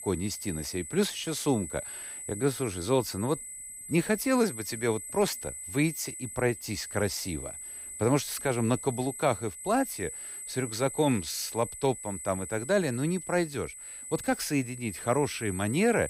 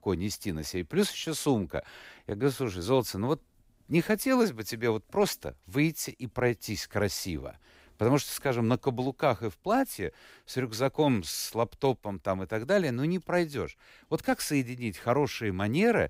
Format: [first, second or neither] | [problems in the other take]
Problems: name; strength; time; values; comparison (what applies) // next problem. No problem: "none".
second | high-pitched whine; loud; throughout; 8 kHz, 8 dB below the speech